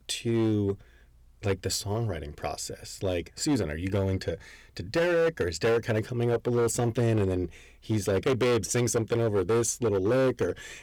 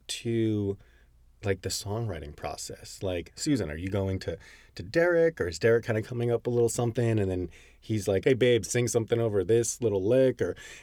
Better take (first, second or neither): second